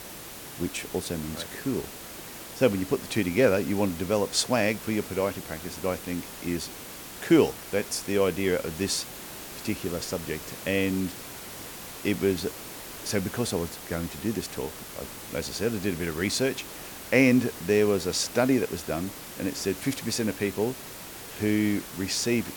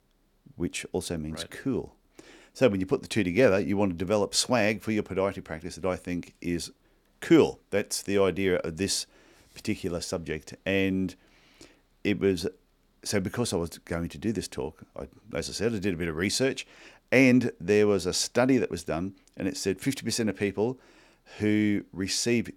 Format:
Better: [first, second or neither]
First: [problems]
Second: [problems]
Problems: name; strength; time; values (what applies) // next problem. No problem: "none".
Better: second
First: hiss; noticeable; throughout; 10 dB below the speech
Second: none